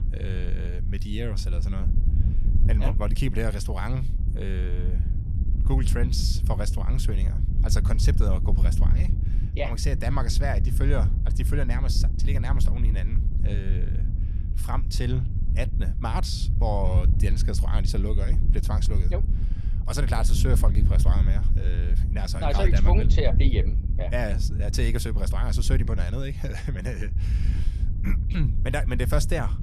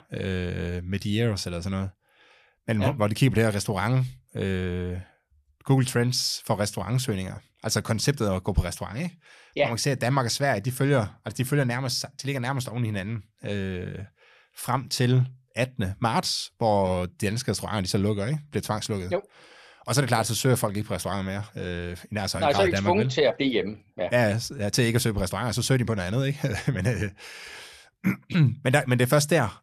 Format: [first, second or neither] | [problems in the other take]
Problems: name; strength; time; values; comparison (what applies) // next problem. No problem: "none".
second | wind noise on the microphone; heavy; 9 dB below the speech